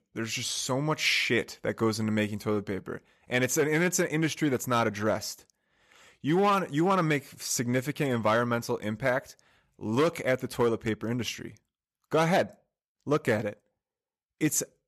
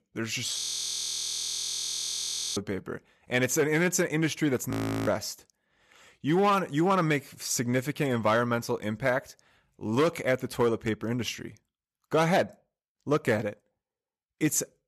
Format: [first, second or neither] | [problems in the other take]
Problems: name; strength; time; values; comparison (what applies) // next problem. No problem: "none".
first | audio freezing; at 0.5 s for 2 s and at 4.5 s